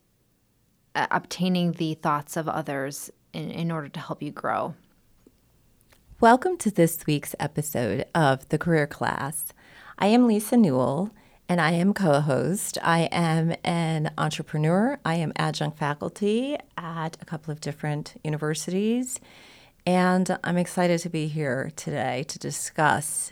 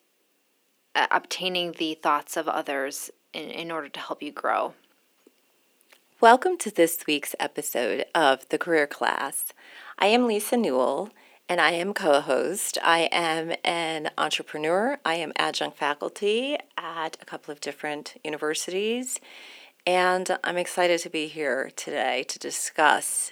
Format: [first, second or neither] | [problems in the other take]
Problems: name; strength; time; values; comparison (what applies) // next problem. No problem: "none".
first | thin; somewhat; fading below 300 Hz